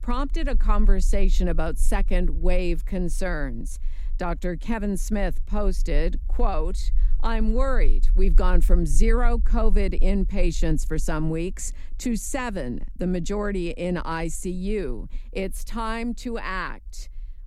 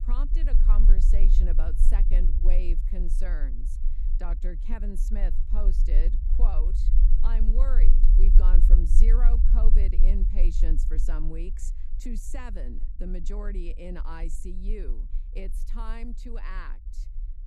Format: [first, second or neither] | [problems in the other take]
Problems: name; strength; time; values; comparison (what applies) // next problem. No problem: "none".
first | low rumble; loud; throughout; 7 dB below the speech; faint in the first